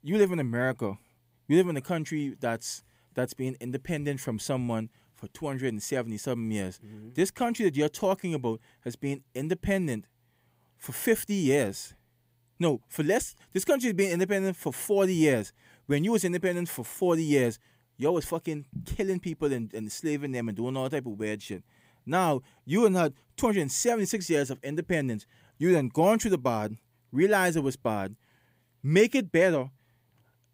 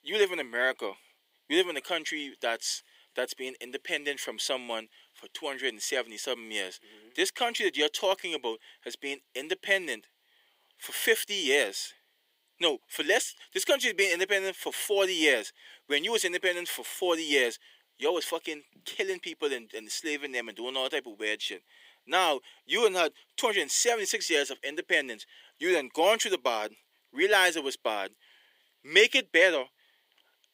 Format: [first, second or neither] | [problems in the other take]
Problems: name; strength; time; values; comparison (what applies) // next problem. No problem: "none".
first | thin; very; fading below 350 Hz